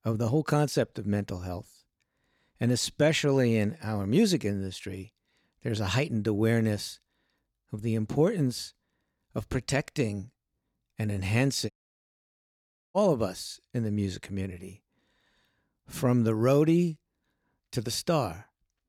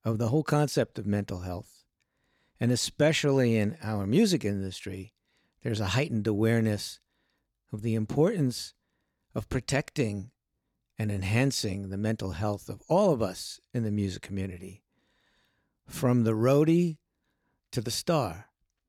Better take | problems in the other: second | audio cutting out; at 12 s for 1 s

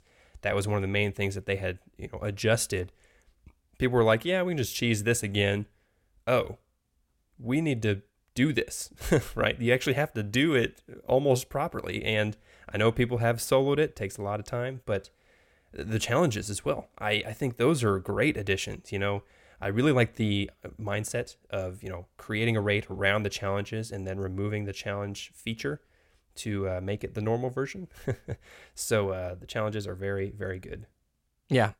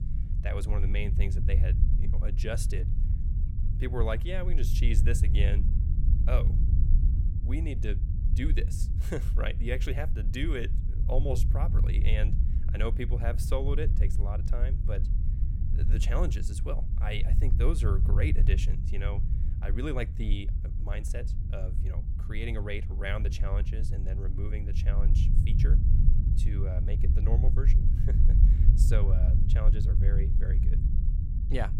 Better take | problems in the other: first | low rumble; loud; throughout; 6 dB below the speech

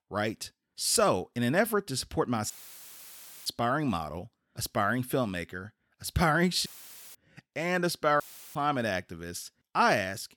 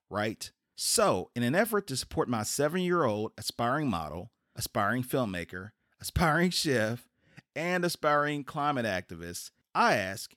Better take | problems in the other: second | audio cutting out; filled with static; at 2.5 s for 1 s, at 6.5 s and at 8 s

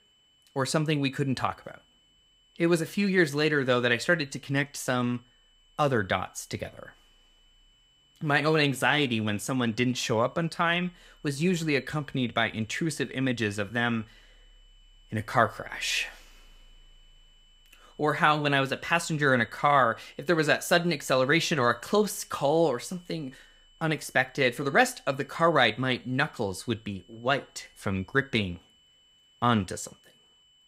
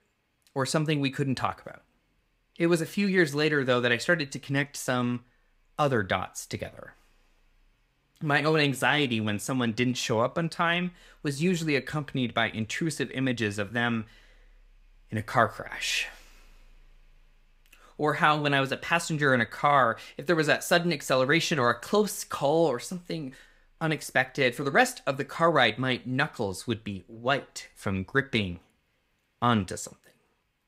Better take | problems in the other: second | high-pitched whine; faint; throughout; 3 kHz, 35 dB below the speech

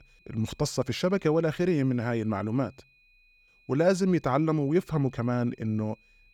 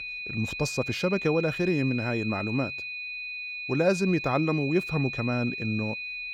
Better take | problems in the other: first | high-pitched whine; loud; throughout; 2.5 kHz, 5 dB below the speech; faint in the first

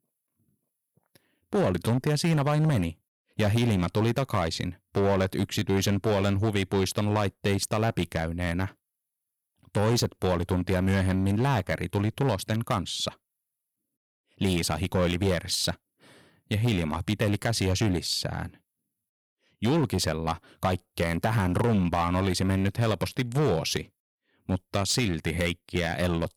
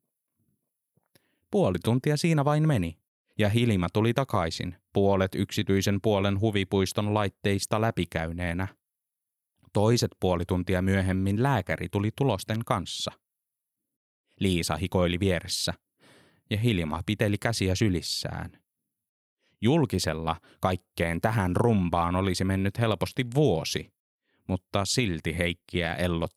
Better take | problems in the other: second | distortion; slight; 8% of the sound clipped

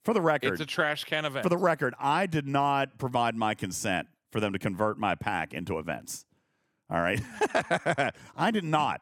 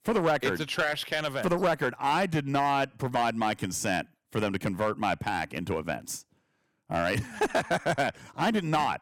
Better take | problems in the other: first | distortion; slight; 5% of the sound clipped

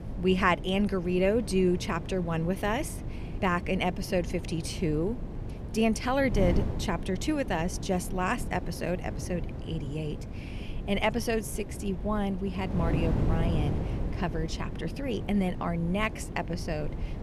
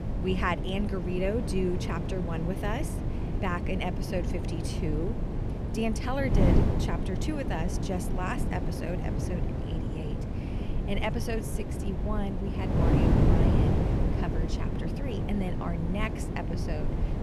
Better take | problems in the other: first | wind noise on the microphone; heavy; 2 dB below the speech; occasional gusts in the first

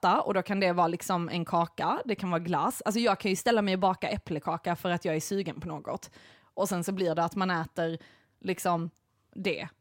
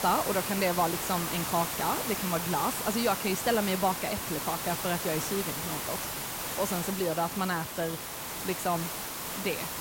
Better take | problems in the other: first | hiss; loud; throughout; 2 dB below the speech

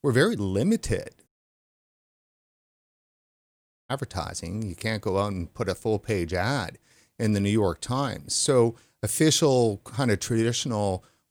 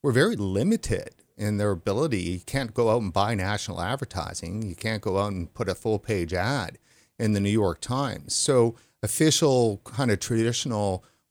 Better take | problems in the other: second | audio cutting out; at 1.5 s for 2.5 s

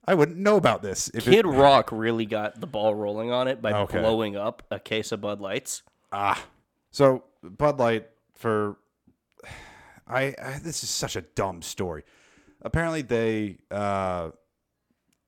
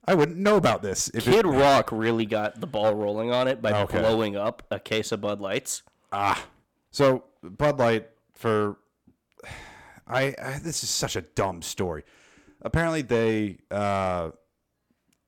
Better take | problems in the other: first | distortion; slight; 4% of the sound clipped

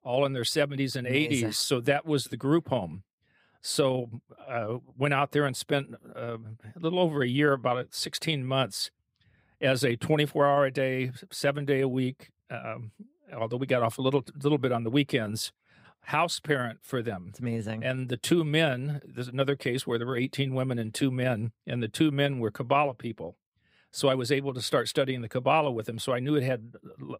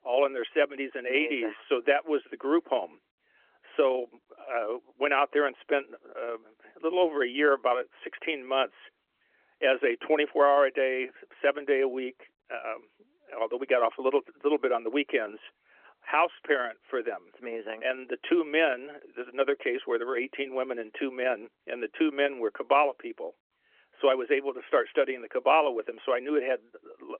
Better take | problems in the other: first | phone-call audio; nothing above 3.5 kHz

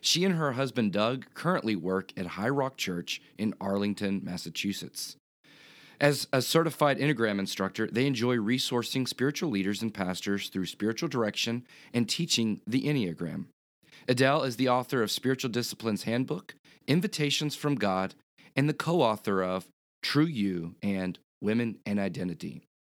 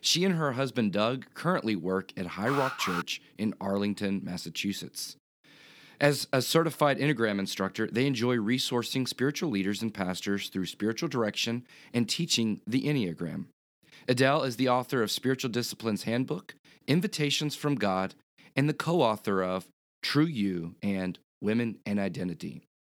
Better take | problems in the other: first | alarm; noticeable; at 2.5 s; peak 3 dB below the speech

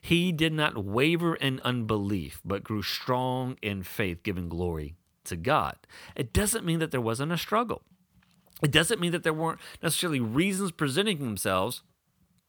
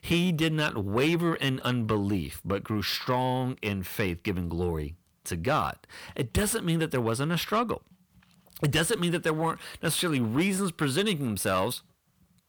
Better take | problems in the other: first | distortion; slight; 10 dB below the speech

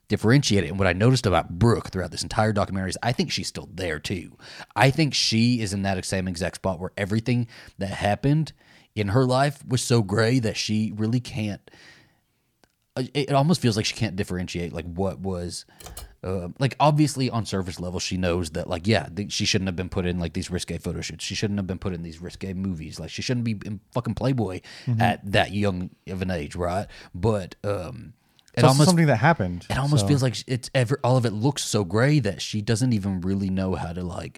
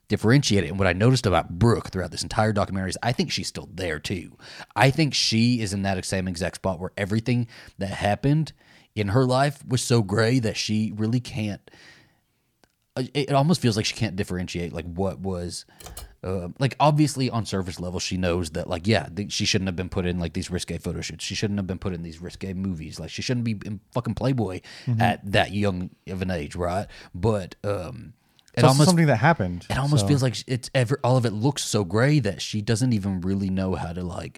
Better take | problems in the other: neither | keyboard typing; faint; at 16 s; peak 15 dB below the speech; the same in both

